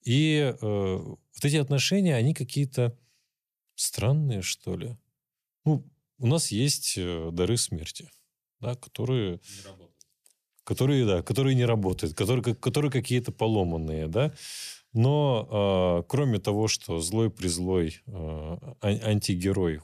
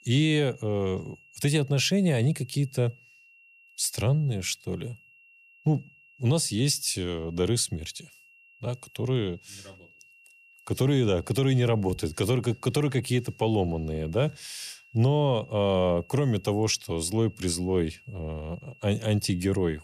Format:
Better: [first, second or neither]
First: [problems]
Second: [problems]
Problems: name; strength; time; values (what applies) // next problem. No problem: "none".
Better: first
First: none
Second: high-pitched whine; faint; throughout; 2.5 kHz, 25 dB below the speech